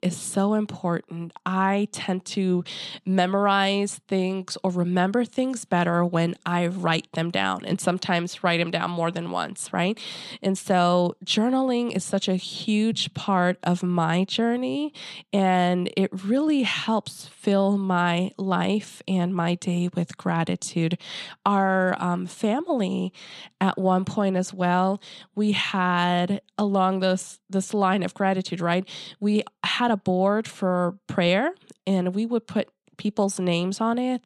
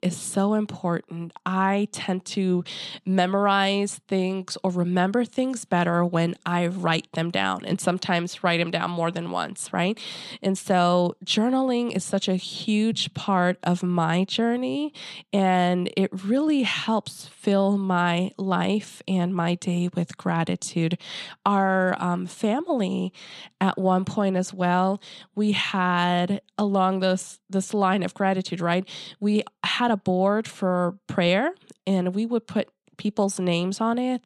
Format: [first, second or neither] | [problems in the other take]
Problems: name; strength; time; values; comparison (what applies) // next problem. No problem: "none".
neither | none